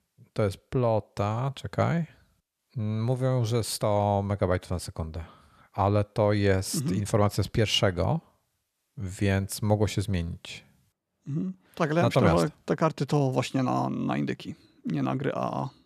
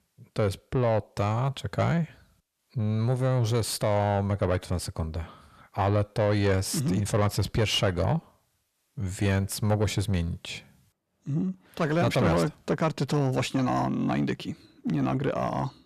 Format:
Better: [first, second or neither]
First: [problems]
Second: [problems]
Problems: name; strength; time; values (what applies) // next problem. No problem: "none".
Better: first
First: none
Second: distortion; slight; 10 dB below the speech